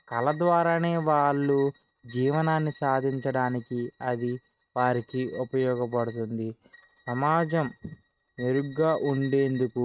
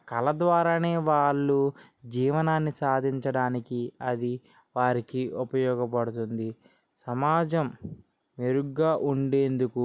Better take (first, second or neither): second